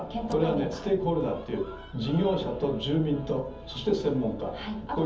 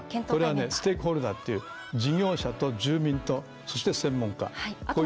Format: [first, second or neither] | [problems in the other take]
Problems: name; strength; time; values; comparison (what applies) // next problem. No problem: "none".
second | background sound (Engine); 17 dB below the speech // room echo; dies away in 0.7 s